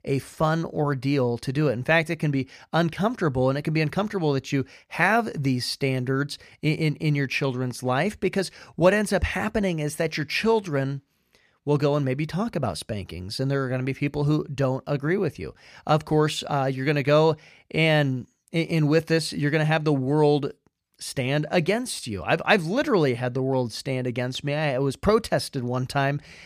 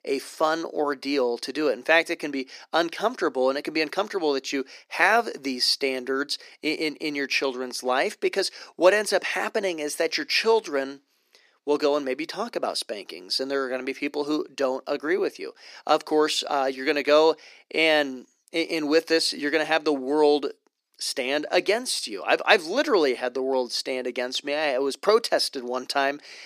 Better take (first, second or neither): first